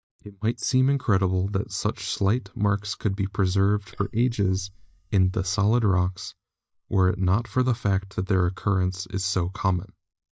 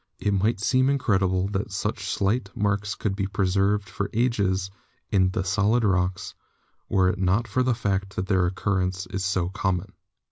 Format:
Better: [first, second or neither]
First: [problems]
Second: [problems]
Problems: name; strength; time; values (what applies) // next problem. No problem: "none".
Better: second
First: noise reduction (neural mask model DeepFilterNet 3)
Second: none